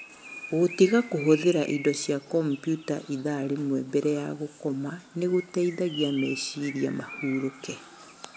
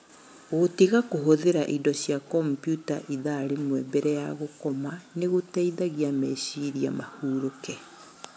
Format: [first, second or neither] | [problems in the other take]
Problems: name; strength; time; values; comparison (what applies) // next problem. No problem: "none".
second | background sound (Bird); 17 dB below the speech